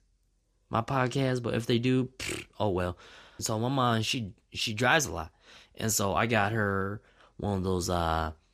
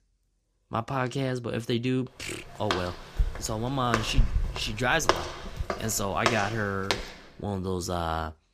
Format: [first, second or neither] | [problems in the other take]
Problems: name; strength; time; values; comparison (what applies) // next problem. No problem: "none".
first | footsteps; loud; from 2.5 to 7 s; peak 2 dB above the speech